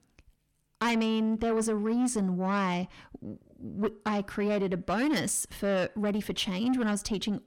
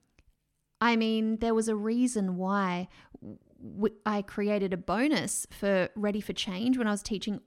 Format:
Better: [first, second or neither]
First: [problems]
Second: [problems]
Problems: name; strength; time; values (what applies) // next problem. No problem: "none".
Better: second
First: distortion; slight; 10 dB below the speech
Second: none